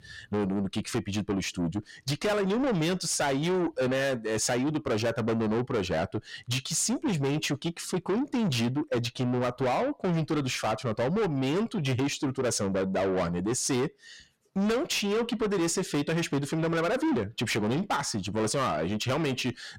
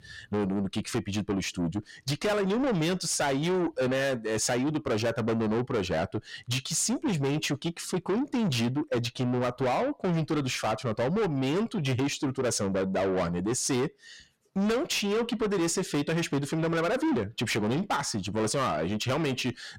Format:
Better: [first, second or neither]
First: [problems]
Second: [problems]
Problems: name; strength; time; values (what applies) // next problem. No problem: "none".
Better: neither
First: distortion; heavy; 7 dB below the speech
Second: distortion; heavy; 7 dB below the speech